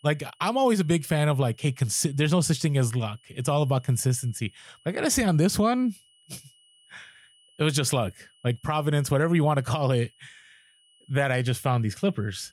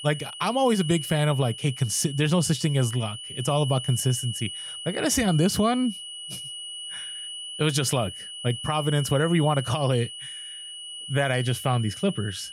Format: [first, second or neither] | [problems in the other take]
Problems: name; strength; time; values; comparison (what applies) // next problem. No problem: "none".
first | high-pitched whine; loud; throughout; 3 kHz, 10 dB below the speech; faint in the first